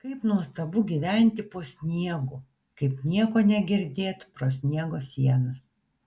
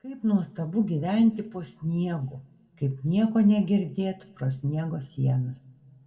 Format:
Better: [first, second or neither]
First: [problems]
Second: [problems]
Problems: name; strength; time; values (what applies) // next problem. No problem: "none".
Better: first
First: none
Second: room echo; dies away in 1.4 s